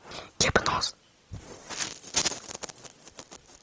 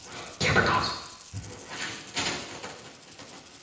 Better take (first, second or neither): first